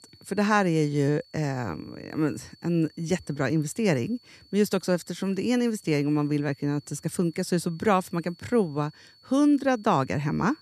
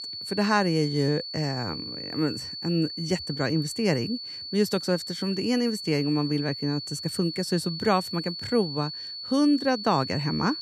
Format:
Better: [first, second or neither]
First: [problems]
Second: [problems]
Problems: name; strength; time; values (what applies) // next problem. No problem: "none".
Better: first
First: high-pitched whine; faint; throughout; 4.5 kHz, 30 dB below the speech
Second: high-pitched whine; loud; throughout; 4.5 kHz, 7 dB below the speech